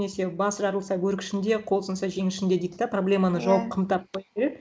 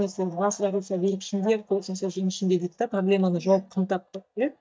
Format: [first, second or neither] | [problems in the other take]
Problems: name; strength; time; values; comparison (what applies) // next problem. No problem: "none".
first | noise reduction (neural mask model DeepFilterNet 3)